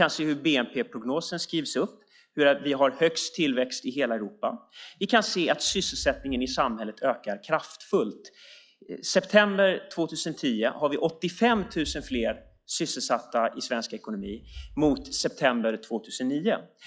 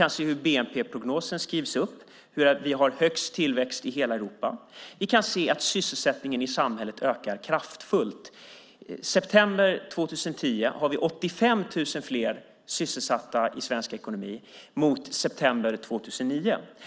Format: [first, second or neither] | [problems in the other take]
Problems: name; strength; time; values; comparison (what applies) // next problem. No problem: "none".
second | noise reduction (classical method log-MMSE)